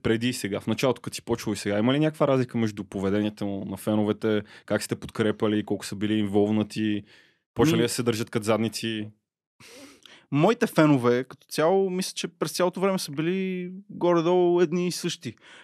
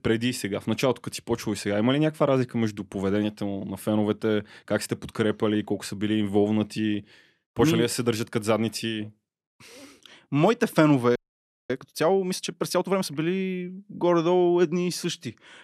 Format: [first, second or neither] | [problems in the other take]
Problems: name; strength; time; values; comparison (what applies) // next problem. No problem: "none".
first | audio freezing; at 11 s for 0.5 s